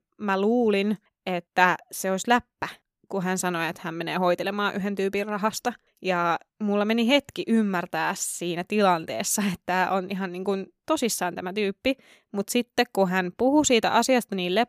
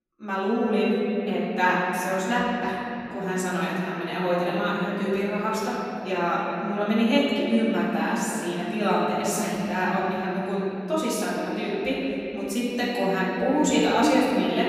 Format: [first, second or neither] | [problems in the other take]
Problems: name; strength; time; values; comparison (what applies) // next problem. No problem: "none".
first | room echo; strong; dies away in 3 s // off-mic speech; far